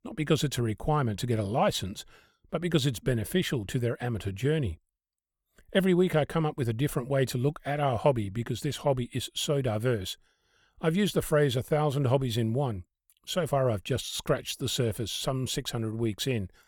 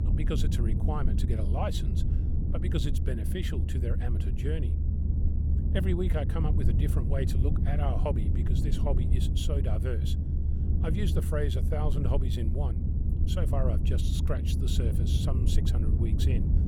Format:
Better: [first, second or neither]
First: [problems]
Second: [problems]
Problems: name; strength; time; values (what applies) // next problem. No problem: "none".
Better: first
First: none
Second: low rumble; loud; throughout; 4 dB below the speech